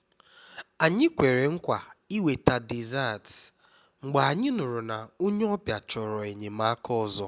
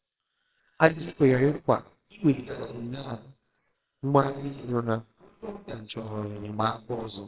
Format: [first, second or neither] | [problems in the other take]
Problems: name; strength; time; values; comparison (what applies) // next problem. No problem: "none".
first | noise reduction (neural separator model SepFormer WHAMR!)